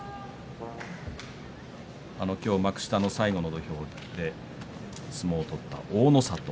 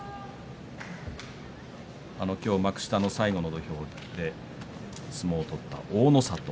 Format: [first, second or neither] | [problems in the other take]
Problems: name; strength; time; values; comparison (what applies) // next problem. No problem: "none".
second | background sound (Brass instrument); 15 dB below the speech